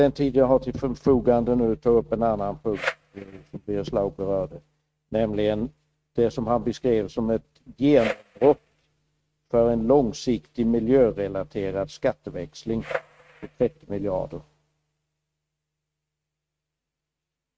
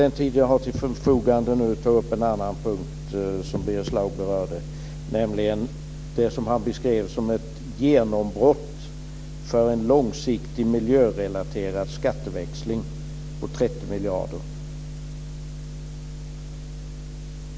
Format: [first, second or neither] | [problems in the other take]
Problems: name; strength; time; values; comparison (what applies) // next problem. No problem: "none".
second | noise reduction (neural mask model RNNoise)